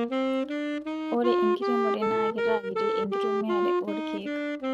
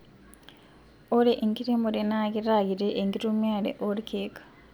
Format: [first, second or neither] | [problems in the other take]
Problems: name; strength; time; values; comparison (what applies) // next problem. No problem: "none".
second | noise reduction (neural mask model RNNoise)